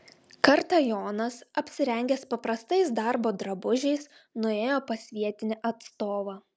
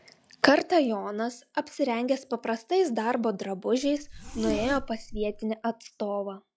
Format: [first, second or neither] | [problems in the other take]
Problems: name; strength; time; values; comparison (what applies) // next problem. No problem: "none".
first | noise reduction (classical method log-MMSE)